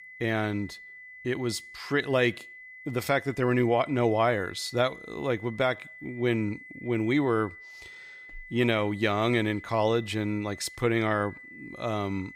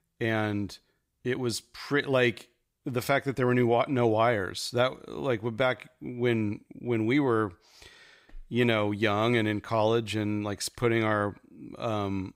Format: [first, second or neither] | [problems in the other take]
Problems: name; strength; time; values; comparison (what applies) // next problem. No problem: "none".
second | high-pitched whine; noticeable; throughout; 2 kHz, 15 dB below the speech